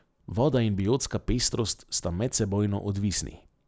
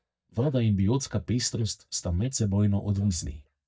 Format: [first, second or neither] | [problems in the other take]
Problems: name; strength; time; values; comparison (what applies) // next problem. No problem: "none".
first | noise reduction (neural mask model DeepFilterNet 3)